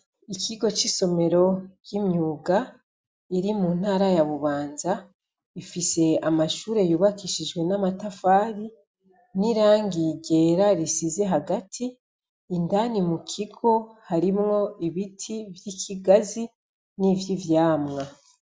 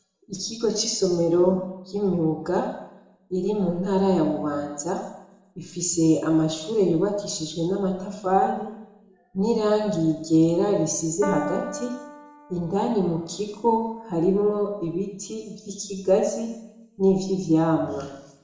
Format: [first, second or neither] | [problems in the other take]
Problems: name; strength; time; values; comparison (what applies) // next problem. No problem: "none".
first | background sound (Piano); 11 dB below the speech // room echo; dies away in 0.8 s